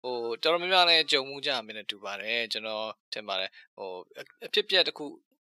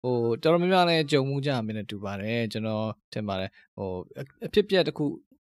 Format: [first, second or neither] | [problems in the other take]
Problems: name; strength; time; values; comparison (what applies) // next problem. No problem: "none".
second | thin; very; fading below 550 Hz